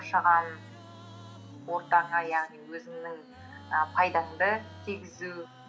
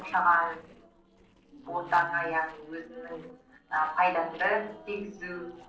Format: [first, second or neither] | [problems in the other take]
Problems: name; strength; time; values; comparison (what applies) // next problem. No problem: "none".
first | noise reduction (neural separator model SepFormer DNS4)